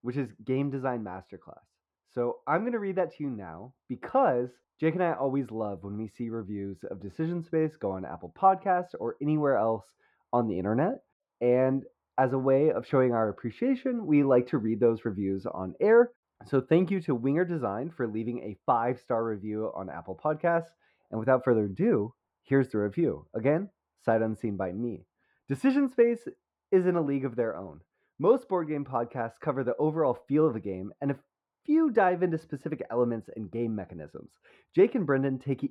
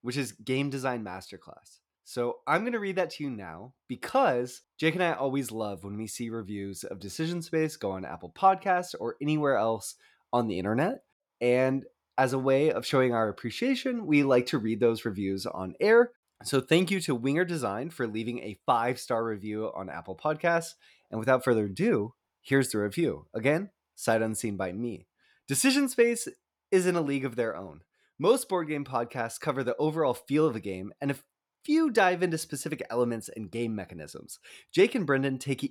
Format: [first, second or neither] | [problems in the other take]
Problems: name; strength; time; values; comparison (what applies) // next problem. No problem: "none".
second | muffled; very; fading above 3 kHz